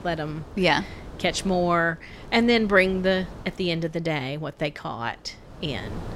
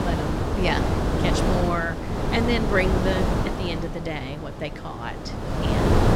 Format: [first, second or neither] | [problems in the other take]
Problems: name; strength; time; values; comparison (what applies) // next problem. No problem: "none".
first | wind noise on the microphone; heavy; as loud as the speech; occasional gusts in the first